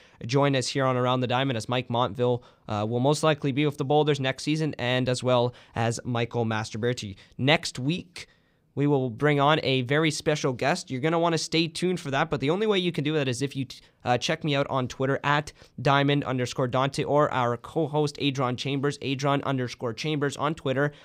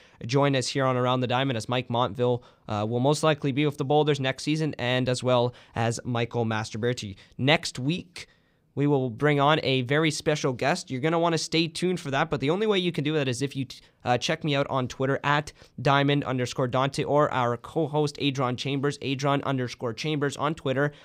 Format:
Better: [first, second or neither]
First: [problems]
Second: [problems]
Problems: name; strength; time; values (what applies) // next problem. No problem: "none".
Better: neither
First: none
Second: none